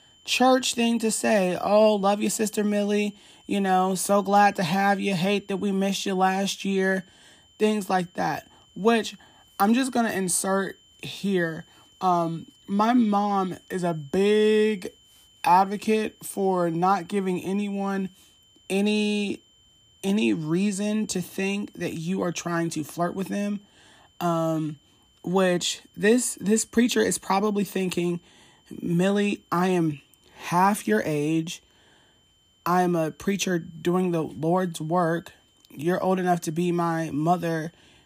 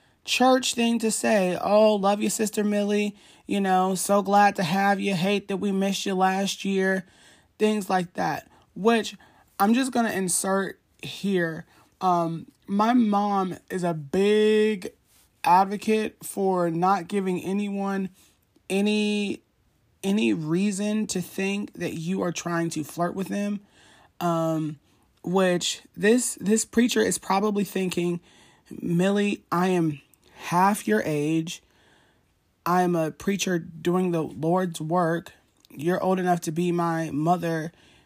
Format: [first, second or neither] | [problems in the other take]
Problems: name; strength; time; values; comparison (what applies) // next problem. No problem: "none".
second | high-pitched whine; faint; throughout; 3 kHz, 30 dB below the speech